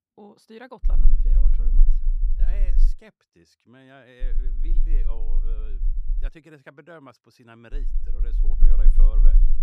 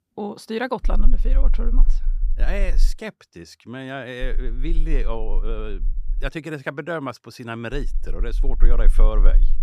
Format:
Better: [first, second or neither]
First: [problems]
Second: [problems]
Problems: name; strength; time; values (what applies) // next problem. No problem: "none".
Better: second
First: low rumble; loud; from 1 to 3 s, from 4 to 6.5 s and from 7.5 s on; 6 dB below the speech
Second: low rumble; faint; from 1 to 3 s, from 4 to 6.5 s and from 7.5 s on; 20 dB below the speech